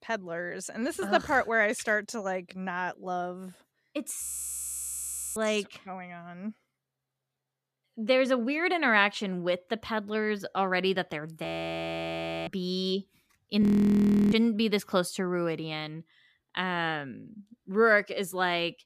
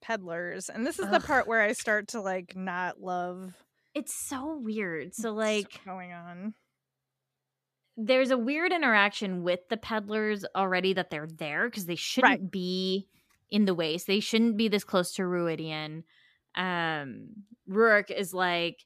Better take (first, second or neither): second